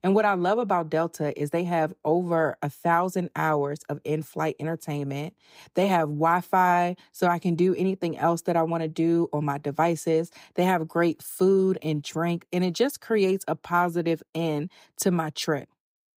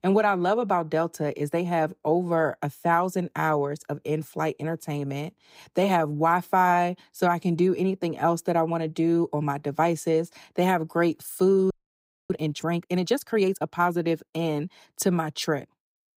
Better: first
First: none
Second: audio freezing; at 12 s for 0.5 s

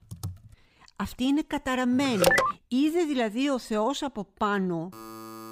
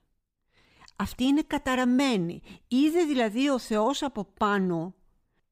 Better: second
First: keyboard typing; faint; at the start; peak 10 dB below the speech // phone ringing; loud; at 2 s; peak 6 dB above the speech // alarm; faint; at 5 s; peak 15 dB below the speech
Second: none

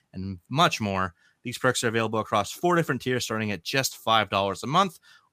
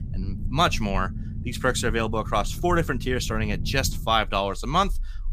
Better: first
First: none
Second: low rumble; faint; throughout; 20 dB below the speech

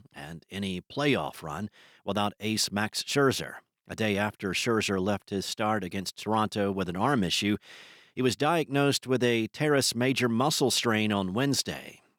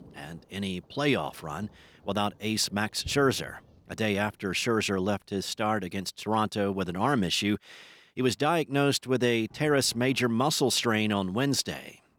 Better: first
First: none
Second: rain or running water; faint; throughout; 25 dB below the speech

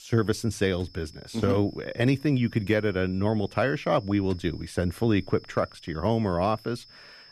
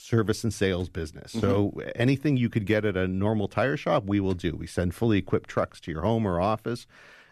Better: second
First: high-pitched whine; faint; throughout; 5.5 kHz, 25 dB below the speech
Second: none

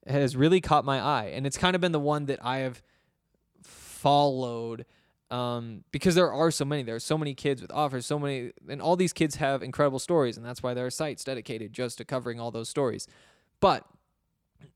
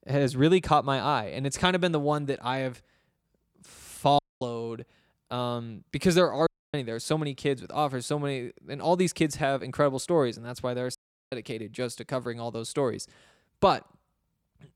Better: first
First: none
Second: audio cutting out; at 4 s, at 6.5 s and at 11 s

